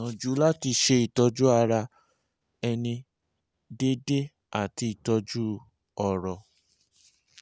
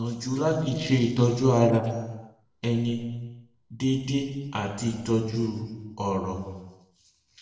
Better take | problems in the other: first | noise reduction (neural separator model SepFormer DNS4)

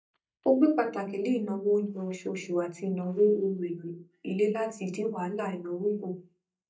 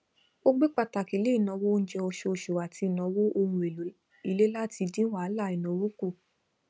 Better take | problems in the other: second | noise reduction (neural mask model DeepFilterNet 3)

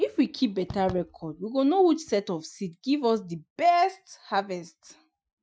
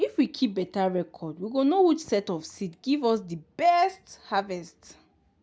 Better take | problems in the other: second | noise reduction (classical method Wiener filter)

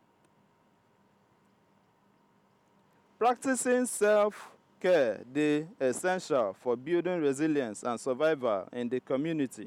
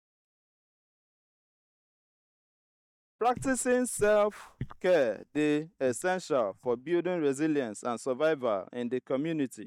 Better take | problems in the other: first | noise reduction (neural mask model DeepFilterNet 3)

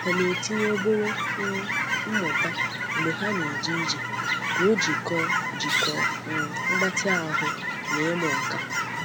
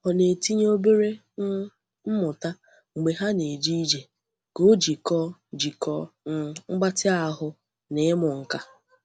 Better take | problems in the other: second | background sound (Chirp, tweet / Fowl); 2 dB above the speech

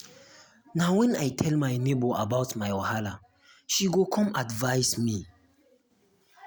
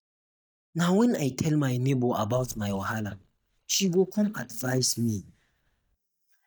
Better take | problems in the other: first | noise reduction (neural mask model DeepFilterNet 3)

